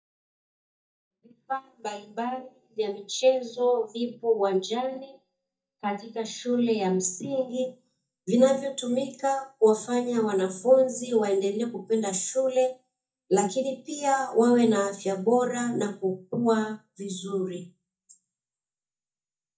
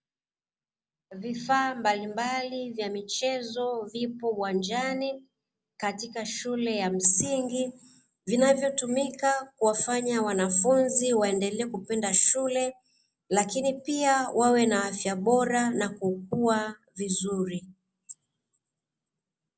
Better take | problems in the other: second | noise reduction (neural mask model DeepFilterNet 3)

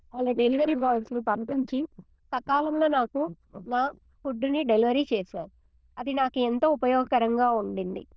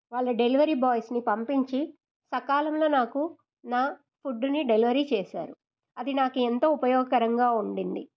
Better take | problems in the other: second | noise reduction (neural diffusion model UNIVERSE++)

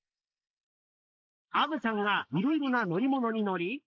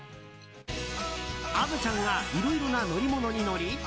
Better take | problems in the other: second | noise reduction (neural mask model Resemble Enhance denoiser)

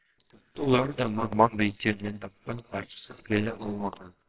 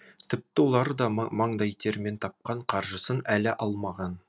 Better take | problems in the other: second | noise reduction (neural separator model SepFormer WHAMR!)

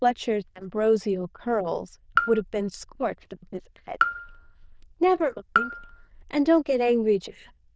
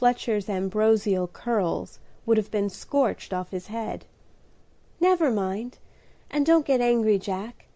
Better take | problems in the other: second | noise reduction (neural diffusion model UNIVERSE++)

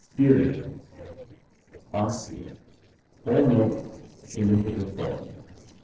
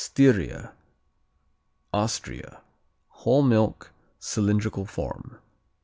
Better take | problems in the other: second | noise reduction (neural separator model SepFormer DNS4)

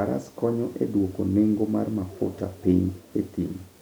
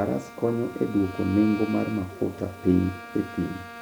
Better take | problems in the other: first | background sound (Bowed string instrument); 15 dB below the speech

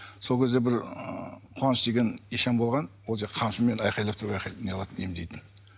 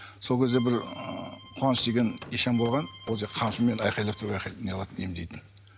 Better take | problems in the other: first | background sound (Accordion + Hammer); 16 dB below the speech

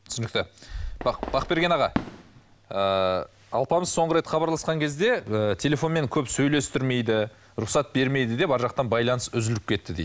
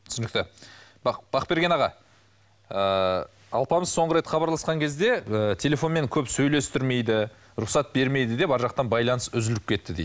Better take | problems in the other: second | background sound (Fireworks); 11 dB below the speech

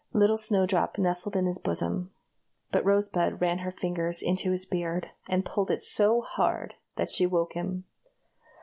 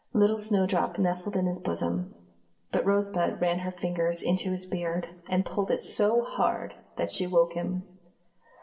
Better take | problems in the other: first | room echo; dies away in 0.8 s

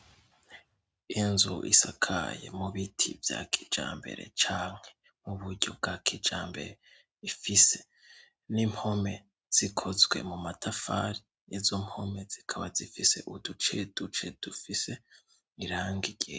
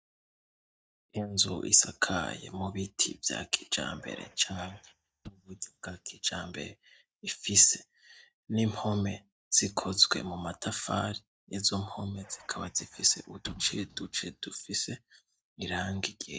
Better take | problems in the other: first | noise reduction (neural mask model DeepFilterNet 3)

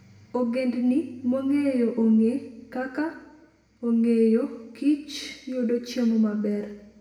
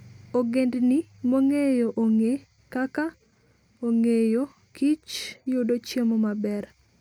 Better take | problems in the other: second | room echo; dies away in 1 s

